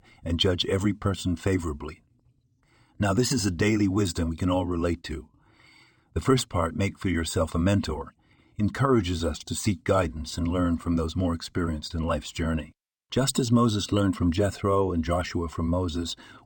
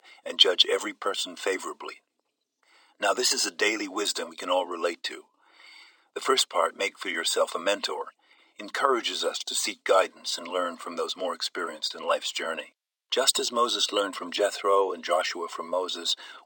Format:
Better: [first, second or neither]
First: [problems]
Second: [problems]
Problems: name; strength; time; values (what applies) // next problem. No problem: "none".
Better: first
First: none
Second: thin; very; fading below 450 Hz